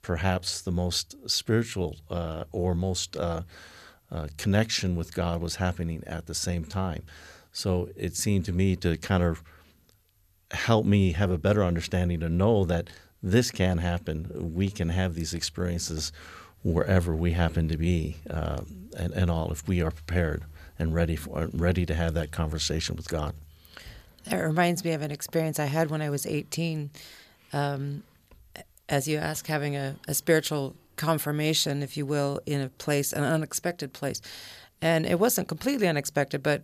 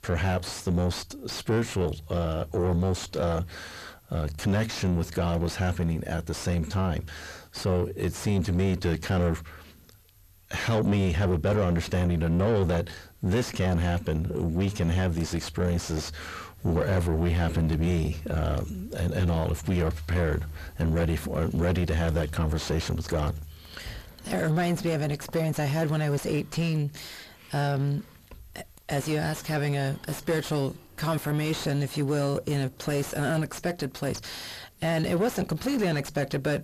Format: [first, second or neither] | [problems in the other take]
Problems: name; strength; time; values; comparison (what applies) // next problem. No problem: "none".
first | distortion; heavy; 6 dB below the speech